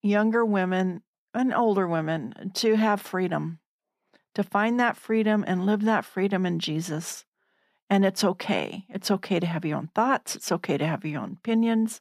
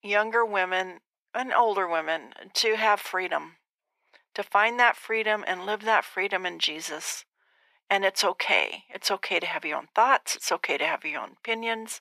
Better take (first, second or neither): first